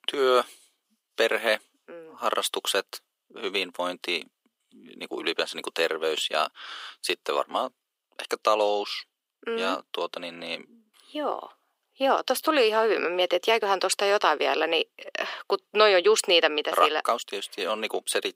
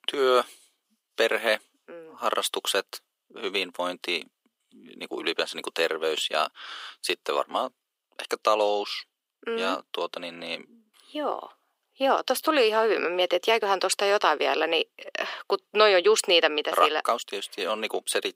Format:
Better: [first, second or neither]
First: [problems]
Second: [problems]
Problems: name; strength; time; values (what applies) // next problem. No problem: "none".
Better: neither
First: thin; very; fading below 350 Hz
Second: thin; very; fading below 350 Hz